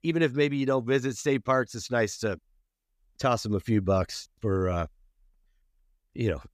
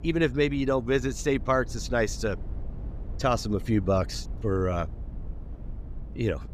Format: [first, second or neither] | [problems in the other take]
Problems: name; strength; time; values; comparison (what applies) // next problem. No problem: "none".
first | low rumble; faint; throughout; 25 dB below the speech